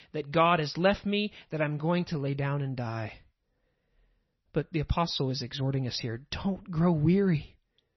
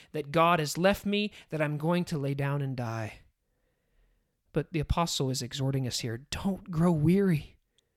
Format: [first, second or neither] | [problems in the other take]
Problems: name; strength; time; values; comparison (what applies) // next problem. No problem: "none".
second | garbled, watery; slightly; nothing above 6 kHz